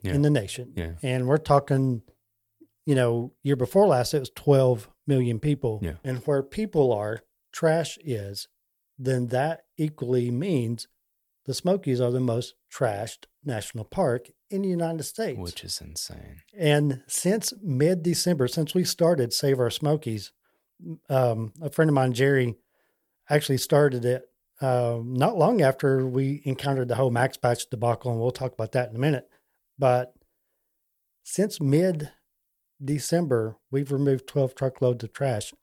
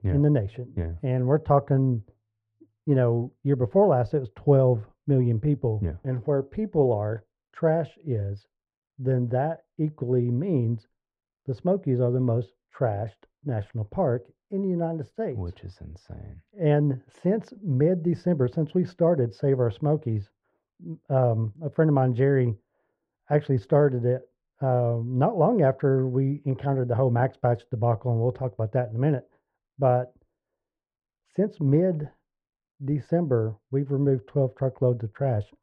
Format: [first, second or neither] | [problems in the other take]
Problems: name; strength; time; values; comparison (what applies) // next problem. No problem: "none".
first | muffled; very; fading above 1 kHz